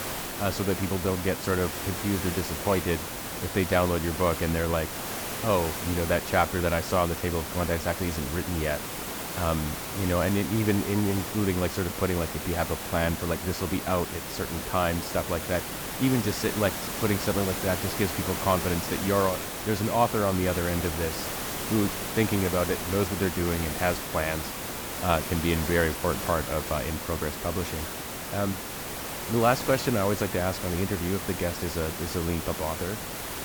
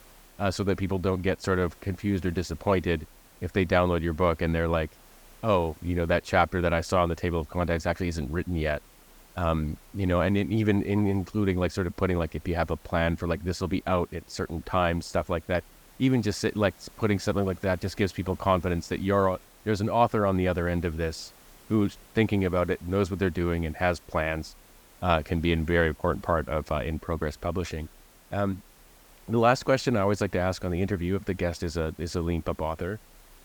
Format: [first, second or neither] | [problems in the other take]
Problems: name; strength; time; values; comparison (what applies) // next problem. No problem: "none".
second | hiss; loud; throughout; 4 dB below the speech; faint in the second